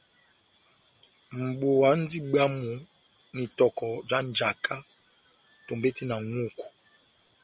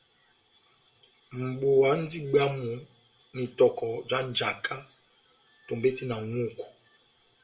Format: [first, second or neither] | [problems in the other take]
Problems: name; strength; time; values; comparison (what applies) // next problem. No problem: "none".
first | room echo; dies away in 0.3 s